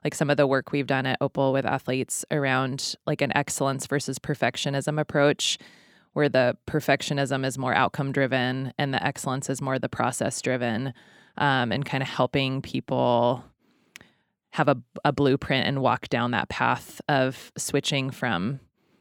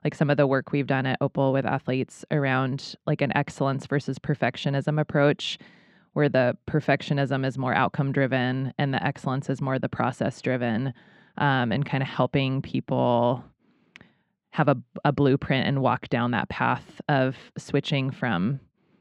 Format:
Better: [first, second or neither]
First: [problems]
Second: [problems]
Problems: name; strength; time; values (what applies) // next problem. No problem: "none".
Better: first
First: none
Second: muffled; slightly; fading above 3.5 kHz